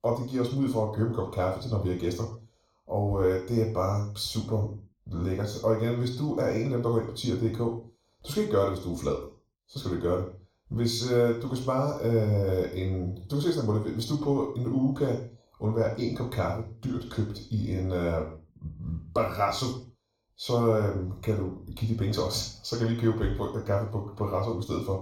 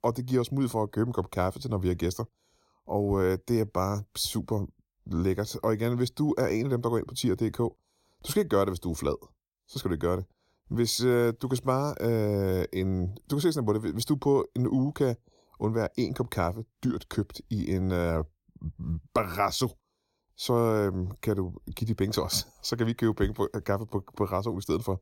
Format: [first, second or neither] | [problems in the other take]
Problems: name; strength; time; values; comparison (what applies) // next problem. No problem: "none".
second | room echo; noticeable; dies away in 0.4 s // off-mic speech; far